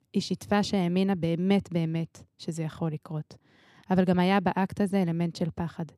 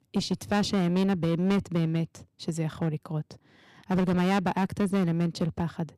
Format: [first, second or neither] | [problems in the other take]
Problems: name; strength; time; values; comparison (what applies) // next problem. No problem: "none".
first | distortion; slight; 13% of the sound clipped